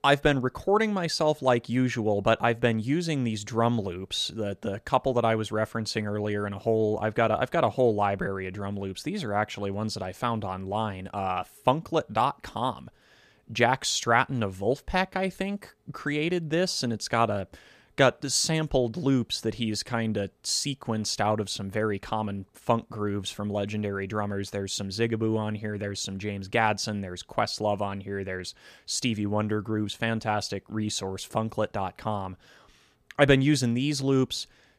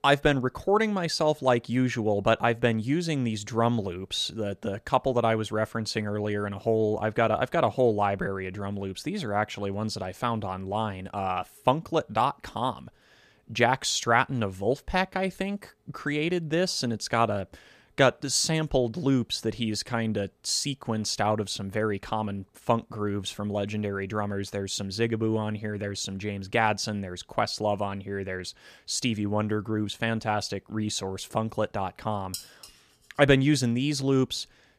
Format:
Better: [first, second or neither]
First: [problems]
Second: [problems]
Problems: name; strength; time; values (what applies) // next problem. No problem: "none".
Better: first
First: none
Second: clattering dishes; faint; at 32 s; peak 10 dB below the speech